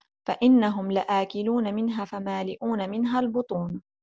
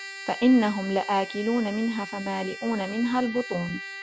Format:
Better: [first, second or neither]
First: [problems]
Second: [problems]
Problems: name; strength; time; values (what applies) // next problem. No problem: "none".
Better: first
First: none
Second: background sound (Trumpet); 12 dB below the speech